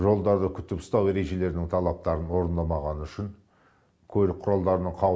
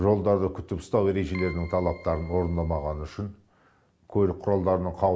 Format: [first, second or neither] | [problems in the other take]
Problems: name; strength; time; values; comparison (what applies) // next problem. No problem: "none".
first | background sound (Keyboard (musical)); 20 dB below the speech